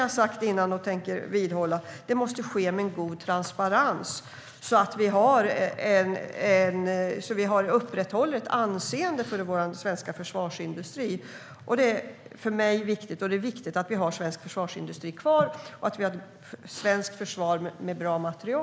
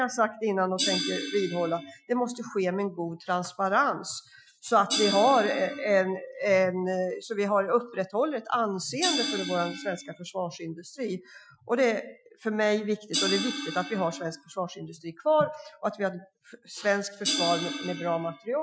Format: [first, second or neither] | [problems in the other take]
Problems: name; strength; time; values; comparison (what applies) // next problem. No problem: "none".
first | noise reduction (classical method Wiener filter)